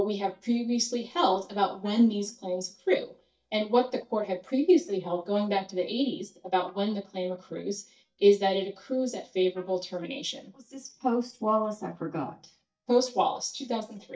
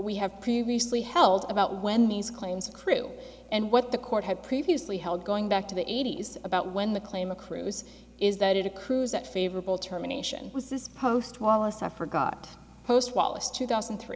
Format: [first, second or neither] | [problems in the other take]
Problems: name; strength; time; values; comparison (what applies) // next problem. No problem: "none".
second | noise reduction (neural mask model DeepFilterNet 3)